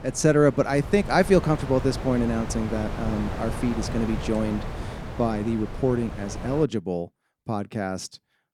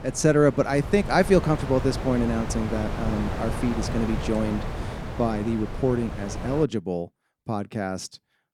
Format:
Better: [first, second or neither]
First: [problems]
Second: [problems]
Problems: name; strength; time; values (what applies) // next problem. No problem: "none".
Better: first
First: wind noise on the microphone; occasional gusts; until 6.5 s; 10 dB below the speech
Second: wind noise on the microphone; heavy; until 6.5 s; 9 dB below the speech